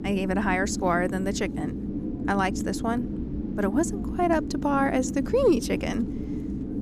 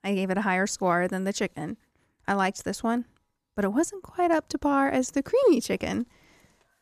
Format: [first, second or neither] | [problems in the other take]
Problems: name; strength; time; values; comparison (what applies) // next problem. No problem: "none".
second | low rumble; loud; throughout; 10 dB below the speech